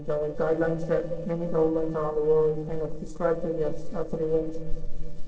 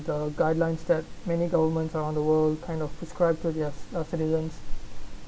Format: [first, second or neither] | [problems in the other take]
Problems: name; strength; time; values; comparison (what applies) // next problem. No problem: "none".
second | noise reduction (neural separator model SepFormer DNS4)